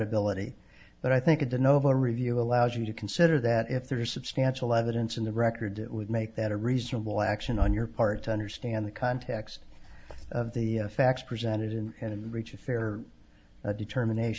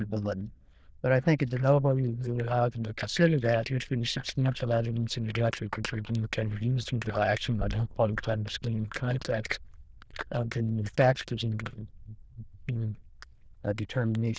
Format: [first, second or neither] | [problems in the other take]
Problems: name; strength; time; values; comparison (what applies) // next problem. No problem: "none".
first | noise reduction (neural diffusion model UNIVERSE++)